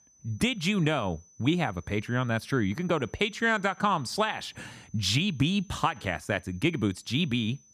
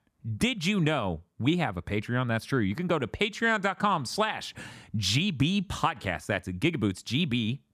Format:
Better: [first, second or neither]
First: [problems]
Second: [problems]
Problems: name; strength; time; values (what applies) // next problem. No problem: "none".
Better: second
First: high-pitched whine; faint; throughout; 6 kHz, 30 dB below the speech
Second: none